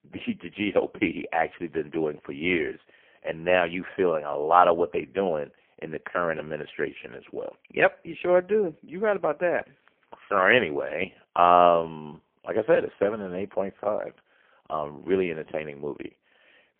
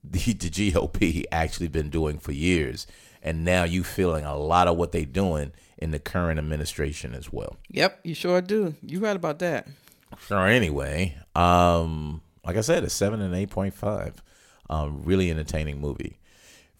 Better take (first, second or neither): second